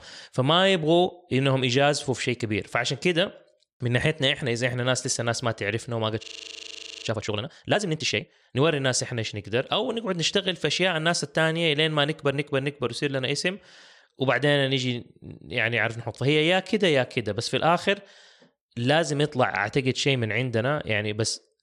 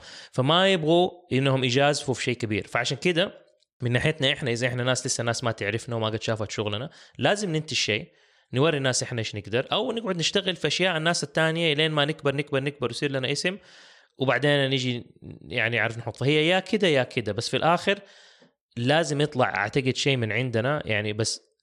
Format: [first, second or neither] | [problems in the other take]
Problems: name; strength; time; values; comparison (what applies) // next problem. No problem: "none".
second | audio freezing; at 6 s for 1 s